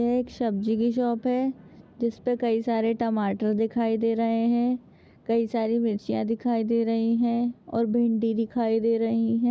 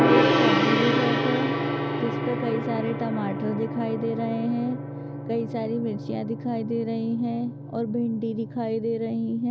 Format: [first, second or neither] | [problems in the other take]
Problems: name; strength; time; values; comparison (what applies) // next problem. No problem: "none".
first | background sound (Gong); 1 dB above the speech